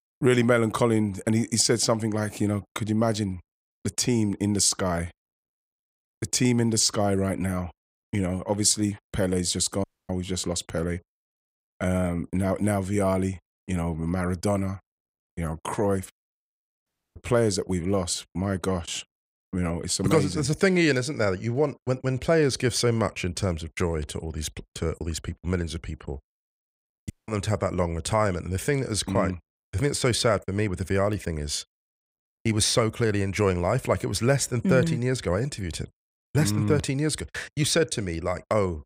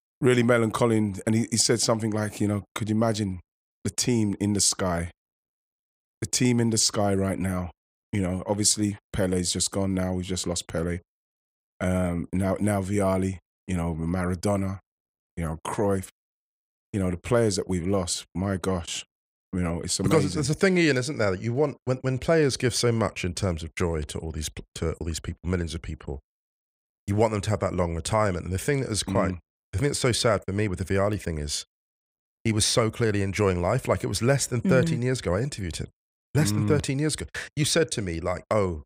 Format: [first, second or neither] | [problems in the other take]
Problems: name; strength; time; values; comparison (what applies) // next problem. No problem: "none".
second | audio cutting out; at 10 s, at 17 s and at 27 s